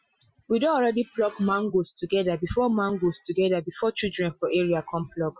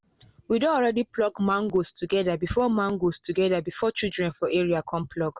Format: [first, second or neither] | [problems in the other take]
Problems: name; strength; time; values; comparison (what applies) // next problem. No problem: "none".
second | noise reduction (classical method Wiener filter)